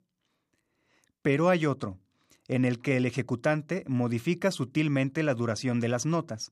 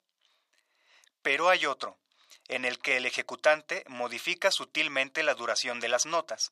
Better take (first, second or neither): first